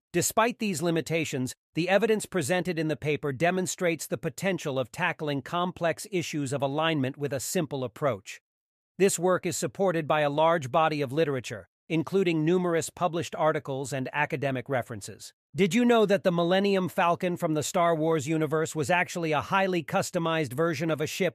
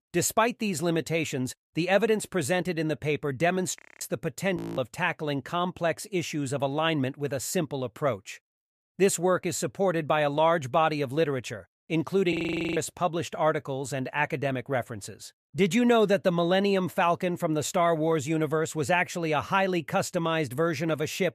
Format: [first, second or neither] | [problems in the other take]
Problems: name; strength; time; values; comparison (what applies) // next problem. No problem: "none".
first | audio freezing; at 4 s, at 4.5 s and at 12 s